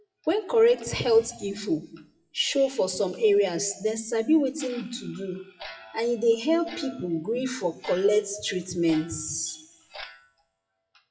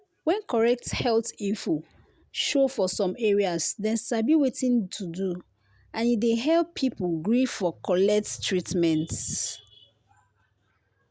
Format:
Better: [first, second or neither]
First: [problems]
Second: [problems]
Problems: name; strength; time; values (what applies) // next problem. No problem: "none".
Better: second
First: noise reduction (classical method WPE with log-MMSE)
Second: none